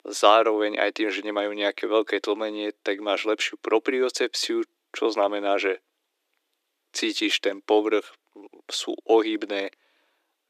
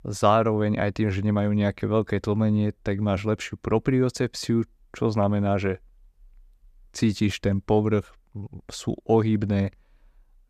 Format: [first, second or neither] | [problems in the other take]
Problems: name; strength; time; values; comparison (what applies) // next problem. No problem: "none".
second | thin; very; fading below 300 Hz